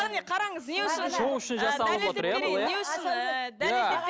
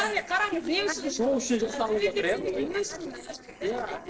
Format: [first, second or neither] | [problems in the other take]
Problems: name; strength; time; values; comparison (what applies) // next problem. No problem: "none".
first | noise reduction (neural separator model SepFormer DNS4)